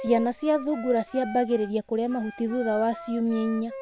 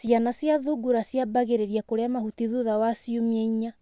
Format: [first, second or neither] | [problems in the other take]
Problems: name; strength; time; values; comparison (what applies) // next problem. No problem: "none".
second | background sound (Wind instrument, woodwind instrument); 14 dB below the speech